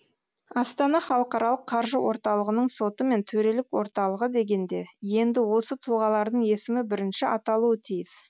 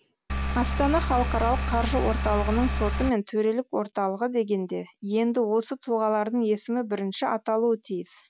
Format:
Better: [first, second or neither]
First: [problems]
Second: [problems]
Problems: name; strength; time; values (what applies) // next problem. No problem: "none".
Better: first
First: none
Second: background sound (Engine); 1 dB below the speech